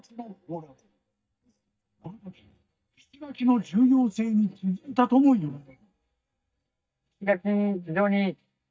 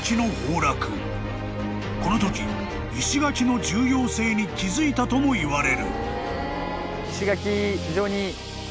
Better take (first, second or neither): second